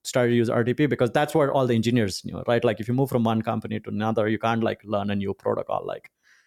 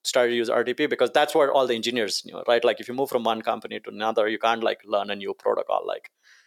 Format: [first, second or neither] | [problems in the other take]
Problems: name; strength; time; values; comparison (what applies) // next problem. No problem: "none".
first | thin; somewhat; fading below 500 Hz